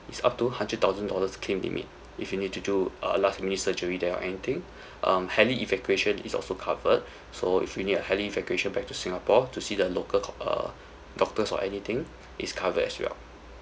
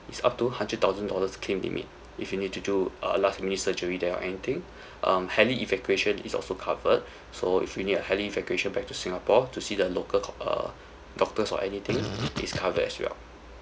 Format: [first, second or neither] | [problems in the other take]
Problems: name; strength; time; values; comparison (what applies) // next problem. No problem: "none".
first | background sound (Fart); 5 dB below the speech